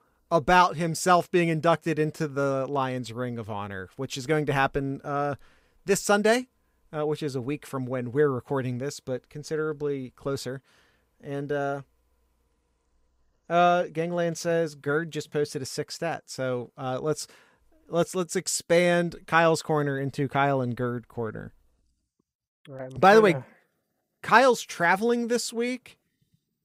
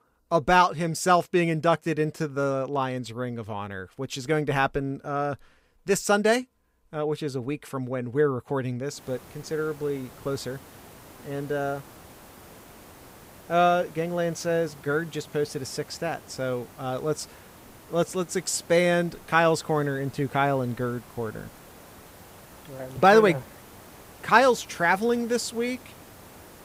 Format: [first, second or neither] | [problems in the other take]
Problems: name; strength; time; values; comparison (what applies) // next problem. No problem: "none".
first | hiss; faint; from 9 s on; 20 dB below the speech